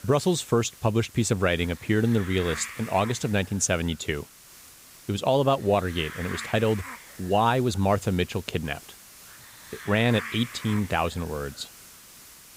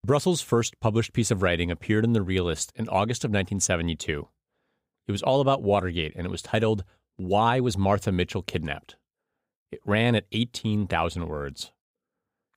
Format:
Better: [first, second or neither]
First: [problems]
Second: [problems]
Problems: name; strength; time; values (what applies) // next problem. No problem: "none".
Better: second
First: hiss; noticeable; throughout; 15 dB below the speech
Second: none